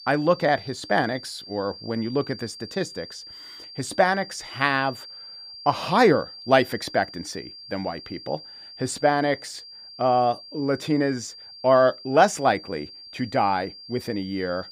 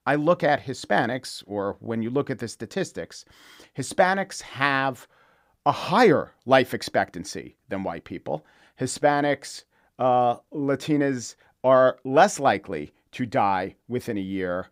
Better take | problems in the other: second | high-pitched whine; noticeable; throughout; 4.5 kHz, 15 dB below the speech

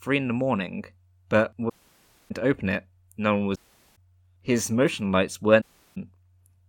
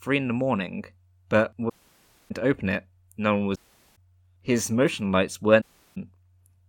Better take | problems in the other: neither | audio cutting out; at 1.5 s for 0.5 s, at 3.5 s and at 5.5 s; the same in both

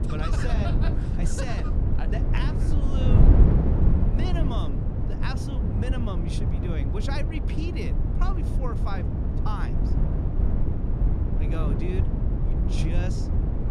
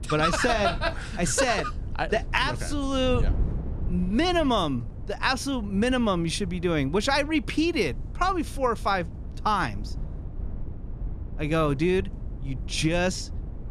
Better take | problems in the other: second | wind noise on the microphone; heavy; as loud as the speech; occasional gusts in the second

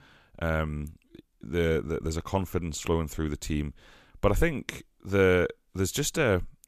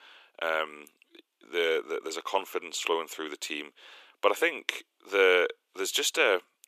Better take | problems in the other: first | thin; very; fading below 350 Hz

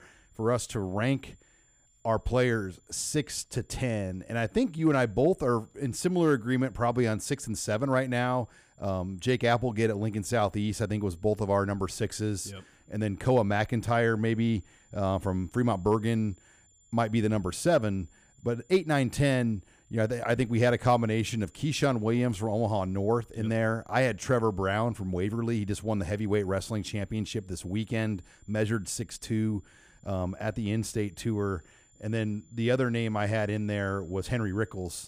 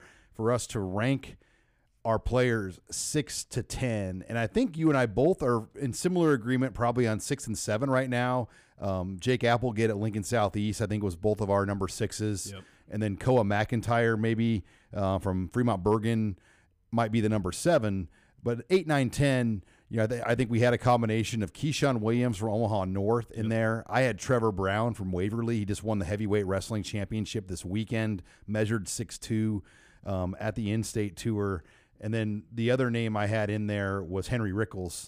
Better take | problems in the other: second | high-pitched whine; faint; throughout; 7 kHz, 35 dB below the speech

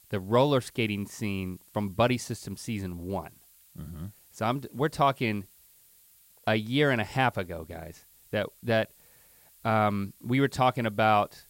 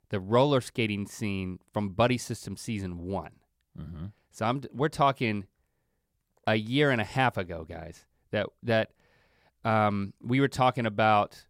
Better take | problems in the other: second | hiss; faint; throughout; 25 dB below the speech

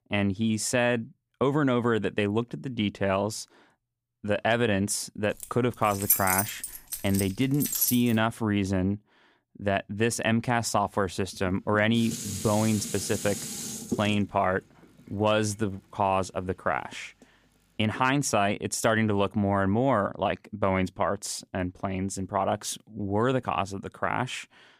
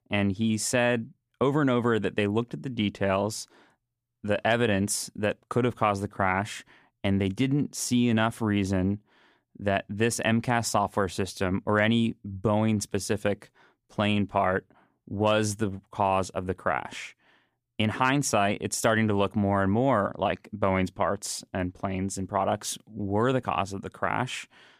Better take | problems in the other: second | jangling keys; loud; from 5.5 to 8 s; peak 4 dB above the speech // clattering dishes; noticeable; from 11 to 14 s; peak 5 dB below the speech

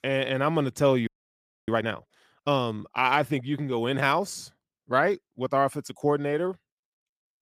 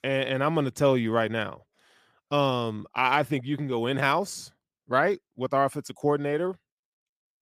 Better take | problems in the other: second | audio freezing; at 1 s for 0.5 s

